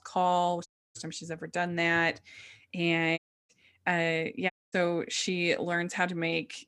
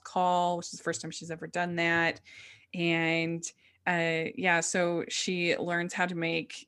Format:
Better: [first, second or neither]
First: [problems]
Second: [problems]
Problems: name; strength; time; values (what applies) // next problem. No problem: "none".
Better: second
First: audio cutting out; at 0.5 s, at 3 s and at 4.5 s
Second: none